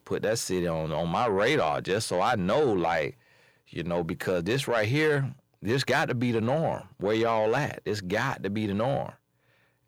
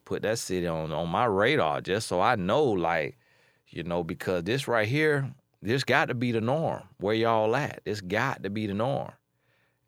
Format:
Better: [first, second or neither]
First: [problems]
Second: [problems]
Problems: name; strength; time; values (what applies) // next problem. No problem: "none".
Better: second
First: distortion; slight; 10 dB below the speech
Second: none